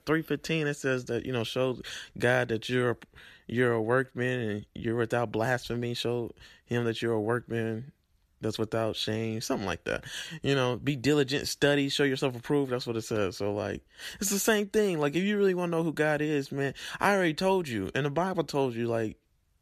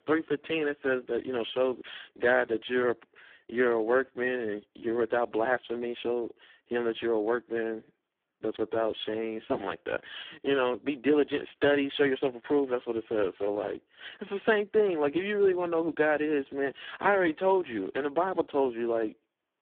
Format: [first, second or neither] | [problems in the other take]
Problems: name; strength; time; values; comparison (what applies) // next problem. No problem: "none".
first | phone-call audio; poor line; nothing above 3.5 kHz